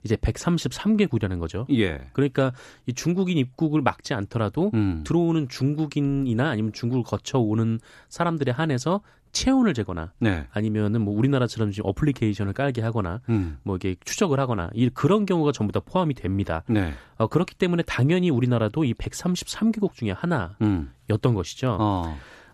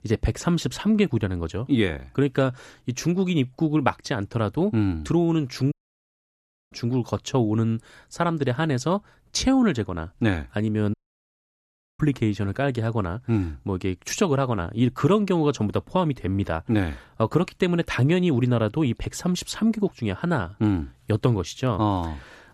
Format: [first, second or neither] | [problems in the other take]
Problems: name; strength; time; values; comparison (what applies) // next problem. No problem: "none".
first | audio cutting out; at 5.5 s for 1 s and at 11 s for 1 s